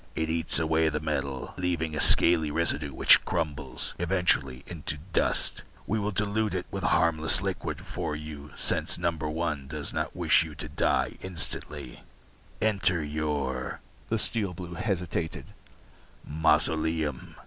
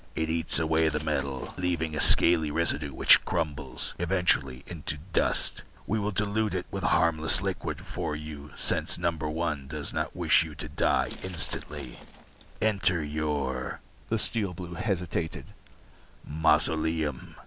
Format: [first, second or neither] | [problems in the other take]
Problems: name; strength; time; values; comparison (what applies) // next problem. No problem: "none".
first | background sound (Glass); 20 dB below the speech